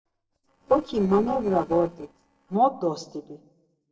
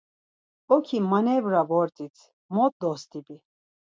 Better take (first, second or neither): second